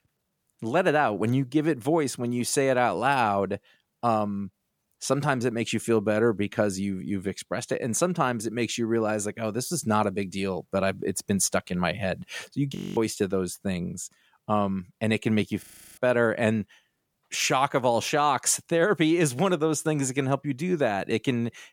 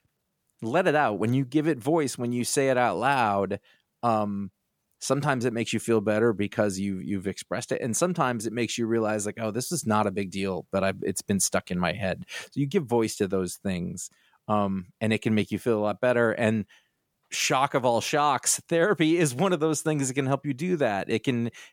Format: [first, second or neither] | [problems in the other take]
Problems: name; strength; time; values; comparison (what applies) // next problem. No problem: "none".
second | audio freezing; at 13 s and at 16 s